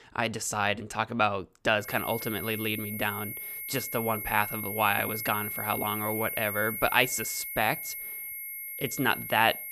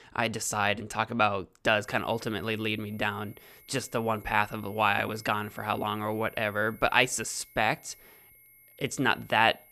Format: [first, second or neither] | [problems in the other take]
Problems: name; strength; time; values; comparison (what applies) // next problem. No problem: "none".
second | high-pitched whine; loud; from 2 s on; 11.5 kHz, 5 dB below the speech; faint in the second